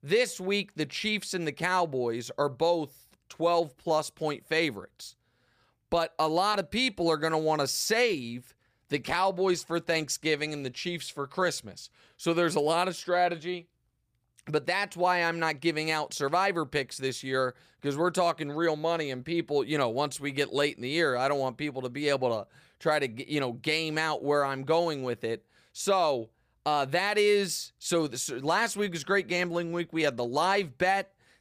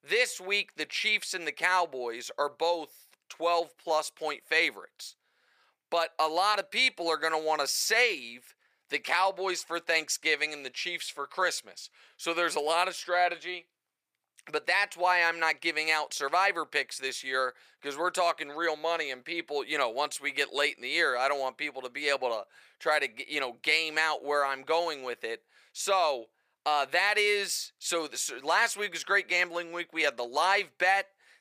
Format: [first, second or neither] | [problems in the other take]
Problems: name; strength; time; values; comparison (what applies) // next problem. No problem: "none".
first | thin; very; fading below 600 Hz